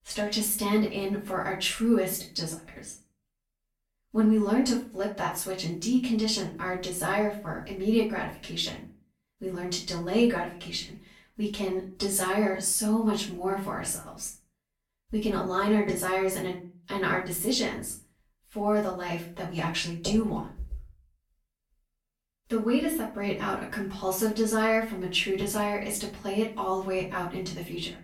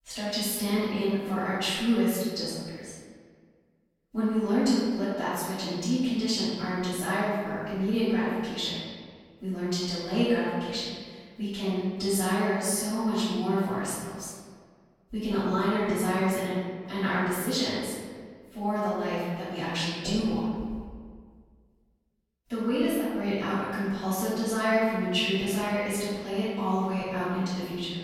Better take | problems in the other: first | room echo; strong; dies away in 1.6 s; slight in the first // off-mic speech; far; far in the first

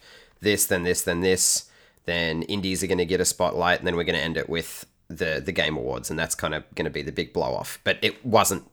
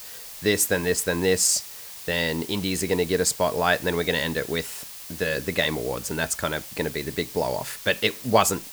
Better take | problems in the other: first | hiss; noticeable; throughout; 15 dB below the speech

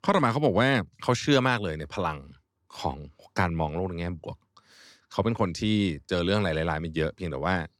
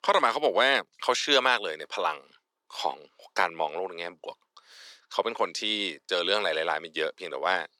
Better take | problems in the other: first | thin; very; fading below 450 Hz

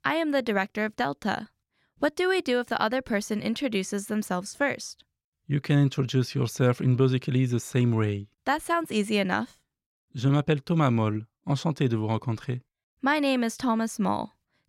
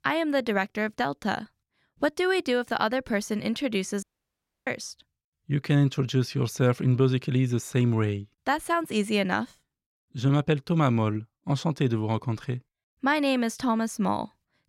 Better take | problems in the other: first | audio cutting out; at 4 s for 0.5 s

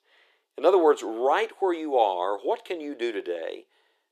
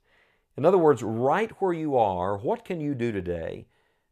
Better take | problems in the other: second | thin; somewhat; fading below 350 Hz

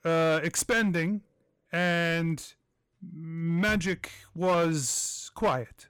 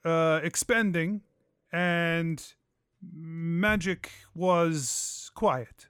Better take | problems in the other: second | distortion; slight; 7% of the sound clipped

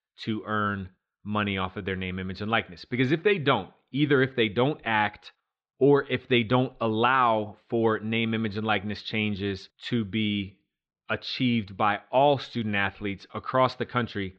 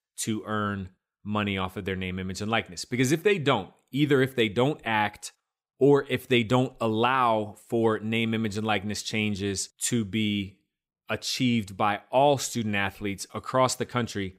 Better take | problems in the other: second | muffled; slightly; fading above 4 kHz

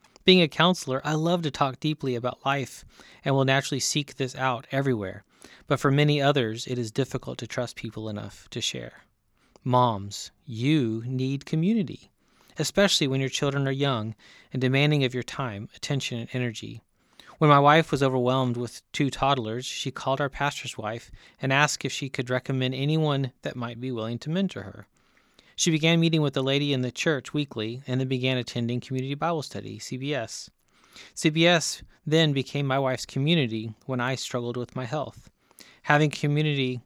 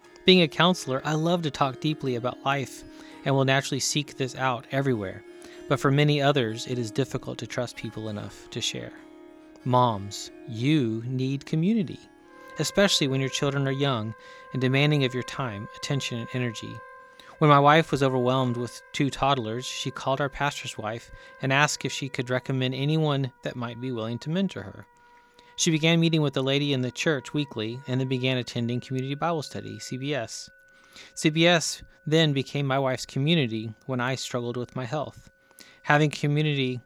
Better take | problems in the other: first | background music; faint; throughout; 25 dB below the speech

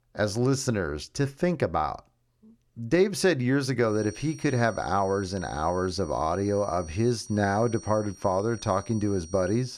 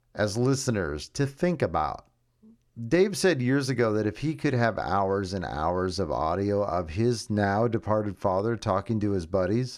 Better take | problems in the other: second | high-pitched whine; noticeable; from 4 s on; 5.5 kHz, 20 dB below the speech

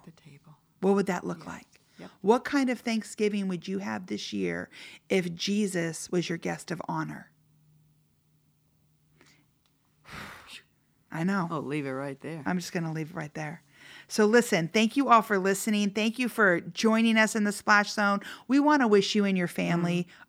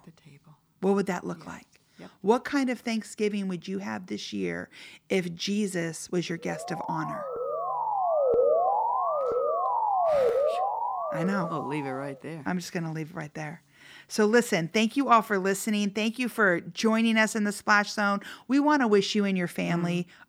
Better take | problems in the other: first | siren; loud; from 6.5 to 12 s; peak 5 dB above the speech

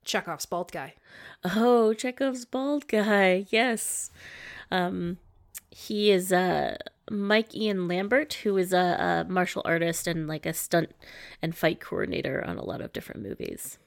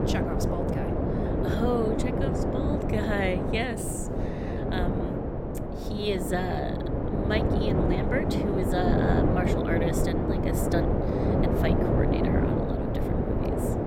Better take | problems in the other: first | wind noise on the microphone; heavy; 2 dB above the speech

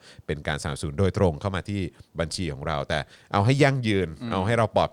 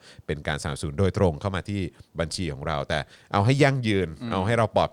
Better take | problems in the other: neither | none

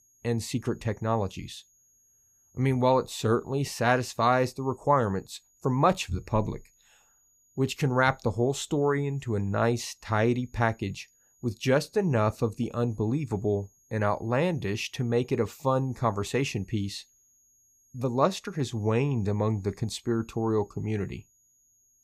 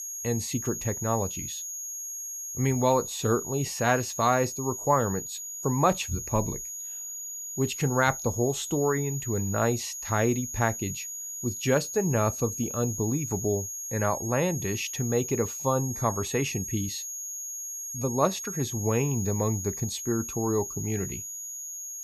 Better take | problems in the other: first | high-pitched whine; loud; throughout; 6.5 kHz, 6 dB below the speech; faint in the first

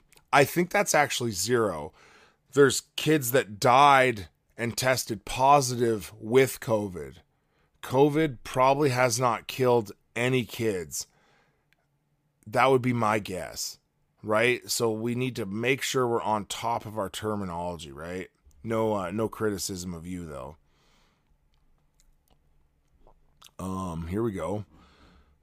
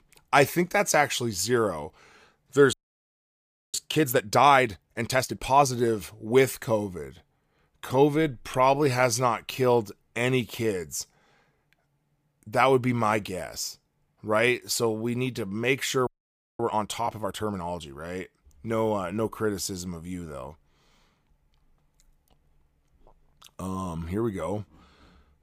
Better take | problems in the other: first | audio freezing; at 2.5 s for 1 s and at 16 s for 0.5 s

